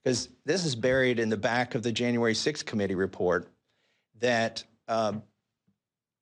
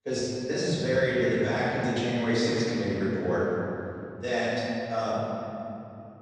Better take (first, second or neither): first